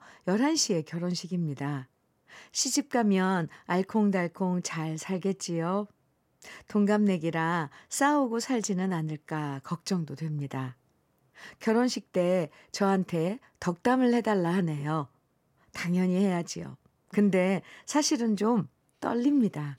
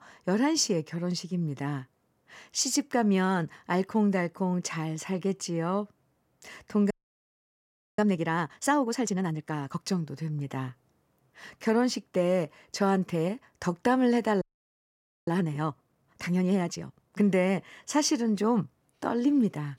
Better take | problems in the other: first | audio freezing; at 7 s for 1 s and at 14 s for 1 s

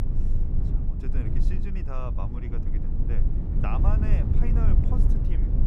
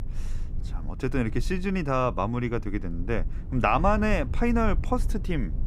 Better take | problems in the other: second | low rumble; loud; throughout; 1 dB below the speech; faint in the second

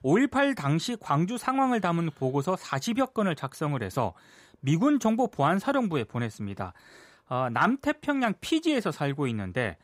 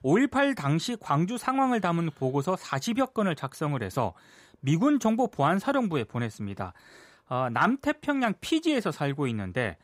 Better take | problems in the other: neither | none

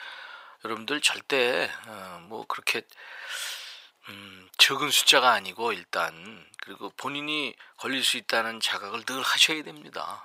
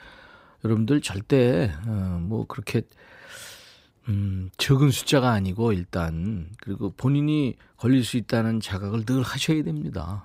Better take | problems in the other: second | thin; very; fading below 900 Hz

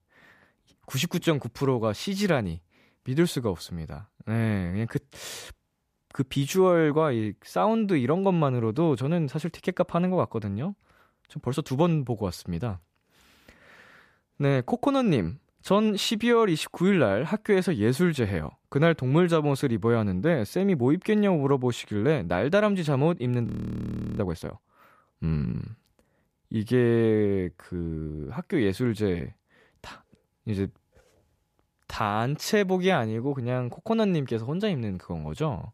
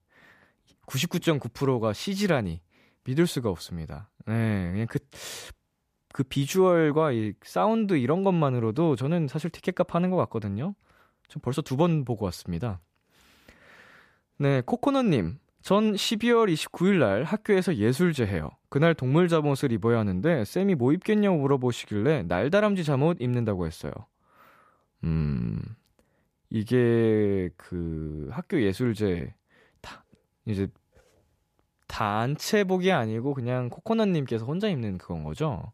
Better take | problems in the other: second | audio freezing; at 23 s for 0.5 s

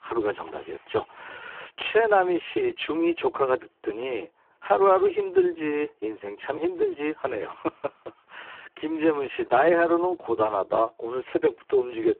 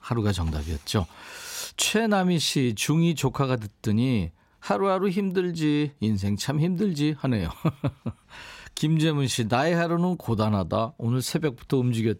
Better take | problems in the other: second | phone-call audio; poor line

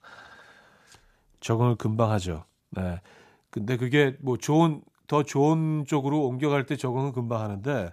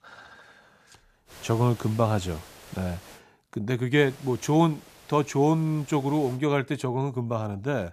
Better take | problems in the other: first | hiss; faint; from 1.5 to 3 s and from 4 to 6.5 s; 20 dB below the speech

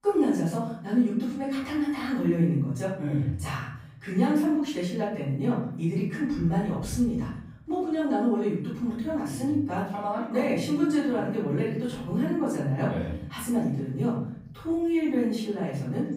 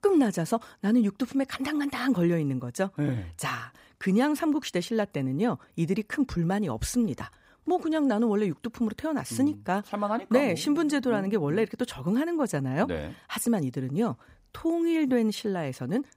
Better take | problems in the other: second | off-mic speech; far // room echo; noticeable; dies away in 0.8 s

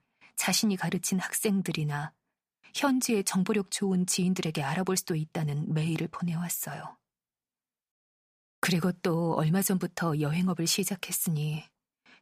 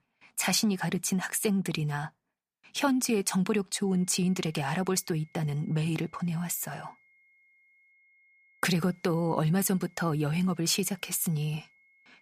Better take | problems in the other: first | high-pitched whine; faint; from 4 s on; 2 kHz, 35 dB below the speech

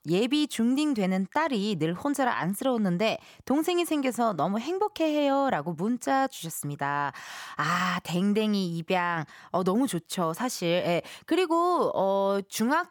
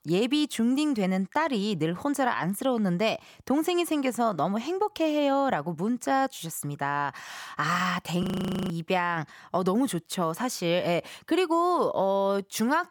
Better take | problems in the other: first | audio freezing; at 8 s

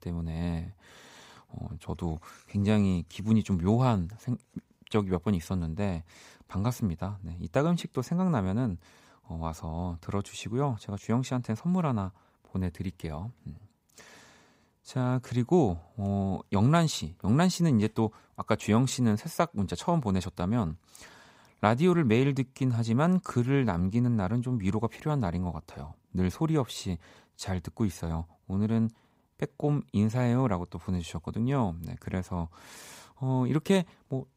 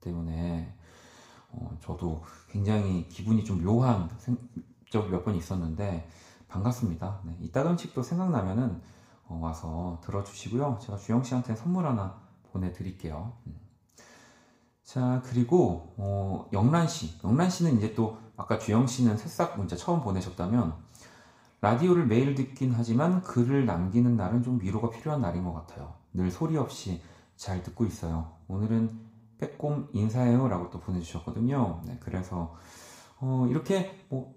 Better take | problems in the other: first | room echo; very slight; dies away in 0.5 s

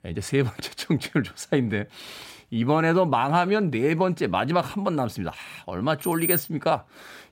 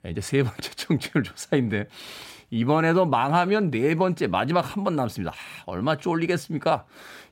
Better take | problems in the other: second | jangling keys; loud; at 6 s; peak level with the speech

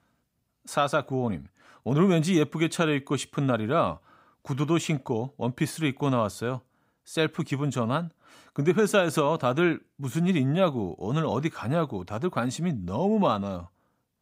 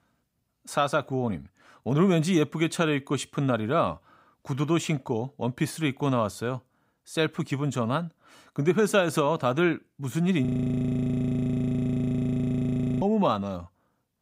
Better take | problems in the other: first | audio freezing; at 10 s for 2.5 s

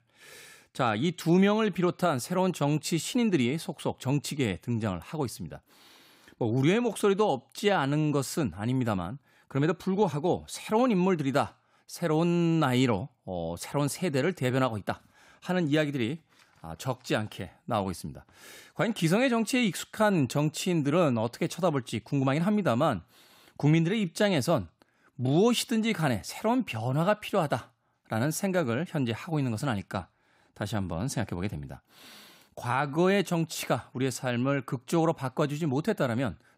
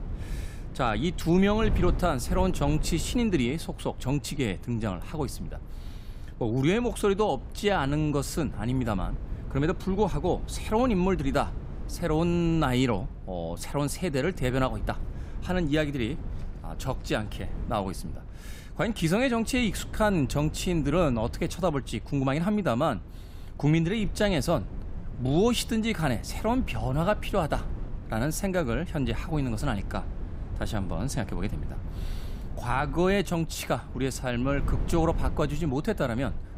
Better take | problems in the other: first | wind noise on the microphone; occasional gusts; 20 dB below the speech

